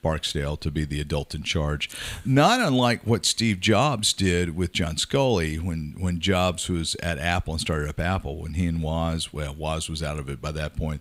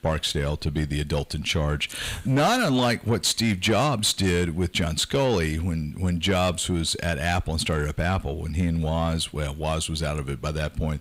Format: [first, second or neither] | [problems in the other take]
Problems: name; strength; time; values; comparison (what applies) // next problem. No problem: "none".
first | distortion; slight; 10 dB below the speech